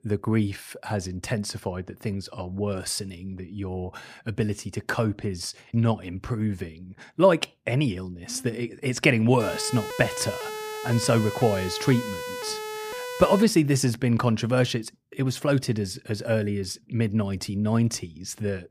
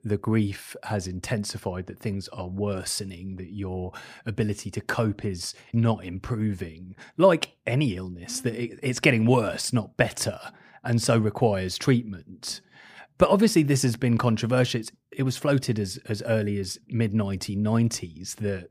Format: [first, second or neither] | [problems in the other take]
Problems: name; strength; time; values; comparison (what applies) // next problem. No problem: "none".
second | siren; noticeable; from 9.5 to 13 s; peak 7 dB below the speech